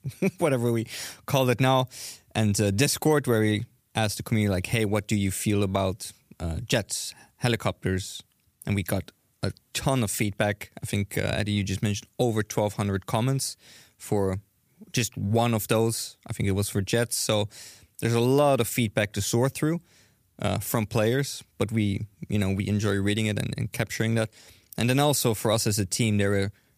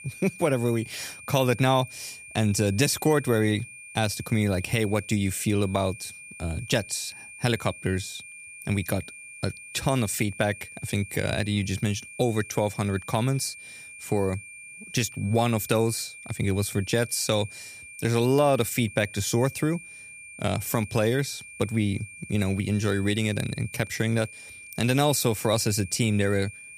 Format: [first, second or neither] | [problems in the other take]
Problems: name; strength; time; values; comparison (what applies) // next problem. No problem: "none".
first | high-pitched whine; noticeable; throughout; 2.5 kHz, 15 dB below the speech